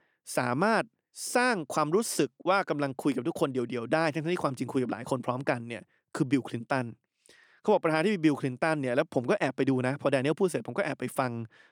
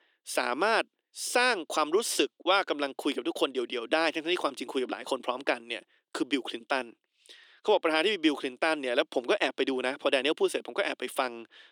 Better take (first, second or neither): first